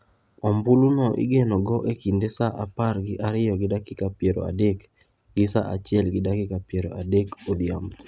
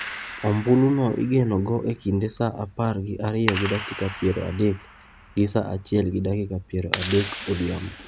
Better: first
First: none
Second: background sound (Clapping); 12 dB below the speech

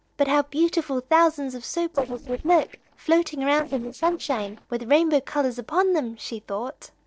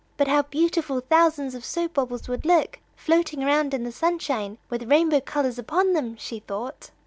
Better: second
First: noise reduction (neural separator model SepFormer DNS4)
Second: none

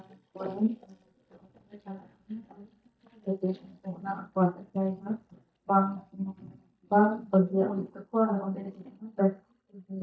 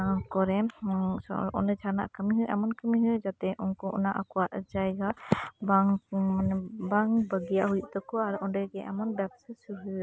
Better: second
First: noise reduction (neural mask model DeepFilterNet 3)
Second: none

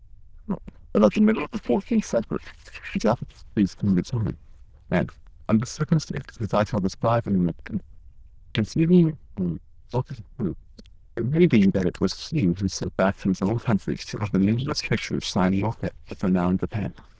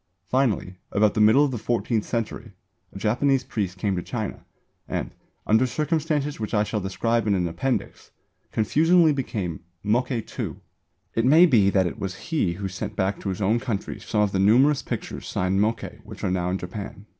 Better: second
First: noise reduction (neural diffusion model UNIVERSE++)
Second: none

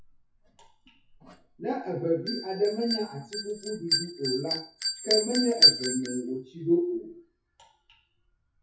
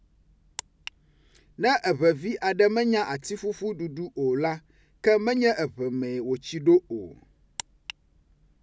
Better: second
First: noise reduction (classical method WPE with log-MMSE)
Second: none

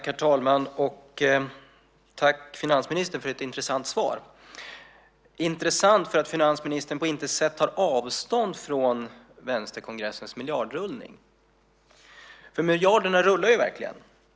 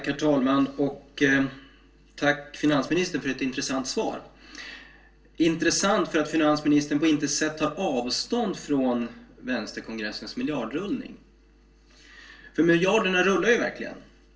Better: first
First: none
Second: room echo; dies away in 0.2 s

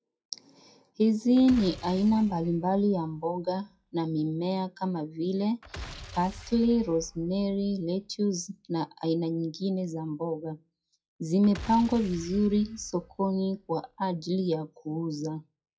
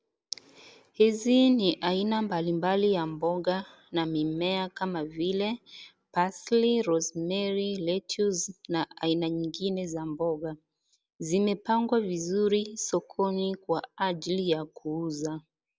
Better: second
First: noise reduction (classical method WPE with log-MMSE)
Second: none

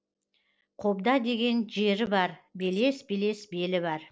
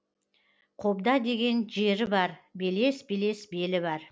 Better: second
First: noise reduction (neural separator model SepFormer DNS4)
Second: none

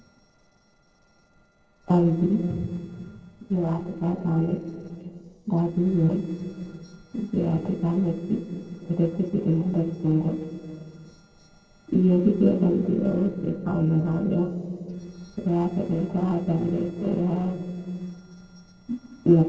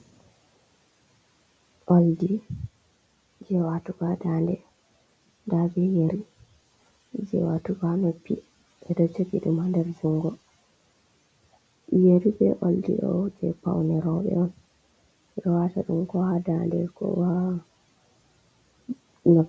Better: second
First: noise reduction (neural separator model SepFormer DNS4)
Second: none

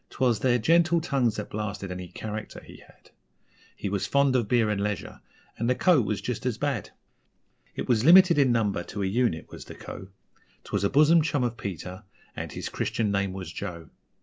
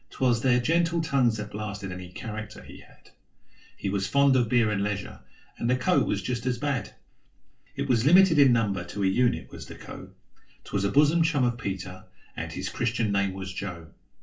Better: first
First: none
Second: room echo; dies away in 0.2 s

